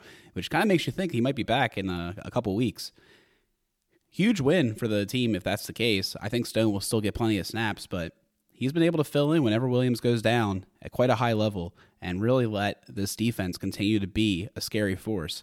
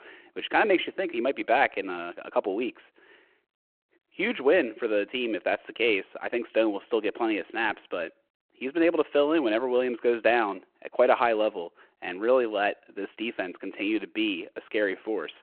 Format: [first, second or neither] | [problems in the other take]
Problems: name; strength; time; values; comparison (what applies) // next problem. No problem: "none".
first | phone-call audio